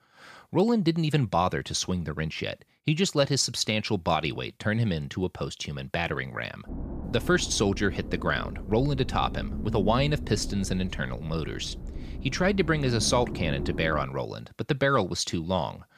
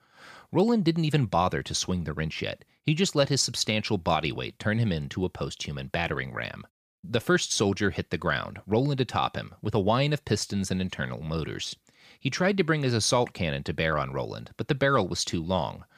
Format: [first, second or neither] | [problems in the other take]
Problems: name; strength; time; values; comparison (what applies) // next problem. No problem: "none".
second | low rumble; noticeable; from 6.5 to 14 s; 15 dB below the speech